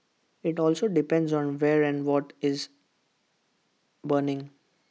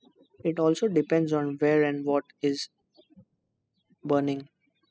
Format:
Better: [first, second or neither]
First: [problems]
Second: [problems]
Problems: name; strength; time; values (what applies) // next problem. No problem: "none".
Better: first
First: none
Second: noise reduction (classical method spectral subtraction)